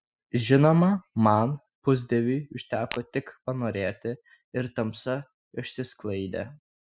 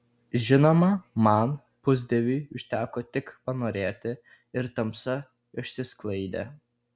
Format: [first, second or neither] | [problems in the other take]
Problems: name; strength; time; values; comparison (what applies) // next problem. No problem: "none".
second | noise reduction (classical method spectral subtraction)